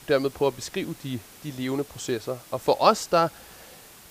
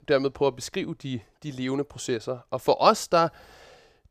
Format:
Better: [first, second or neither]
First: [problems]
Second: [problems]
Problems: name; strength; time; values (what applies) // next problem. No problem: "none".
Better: second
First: hiss; faint; throughout; 20 dB below the speech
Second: none